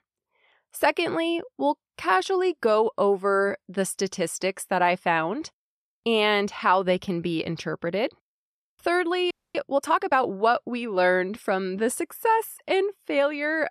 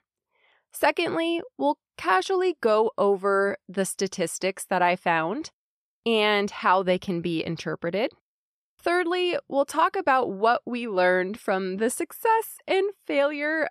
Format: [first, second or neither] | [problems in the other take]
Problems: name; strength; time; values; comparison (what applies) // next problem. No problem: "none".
second | audio freezing; at 9.5 s